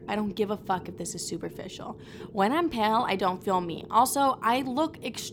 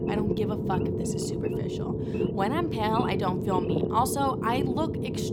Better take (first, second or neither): first